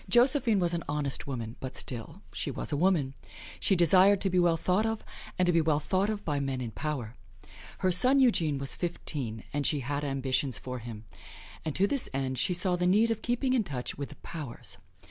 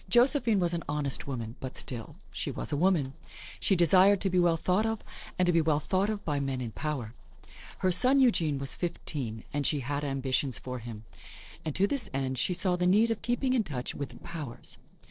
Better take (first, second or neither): first